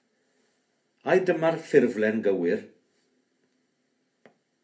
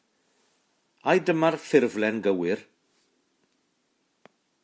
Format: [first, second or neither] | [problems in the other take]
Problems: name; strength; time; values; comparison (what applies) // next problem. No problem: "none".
second | room echo; dies away in 0.3 s